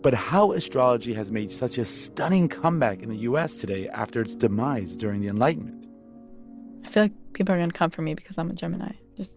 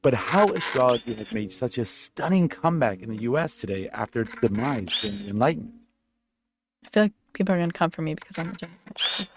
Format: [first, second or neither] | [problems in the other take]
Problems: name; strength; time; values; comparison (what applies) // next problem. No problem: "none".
first | noise reduction (neural mask model RNNoise)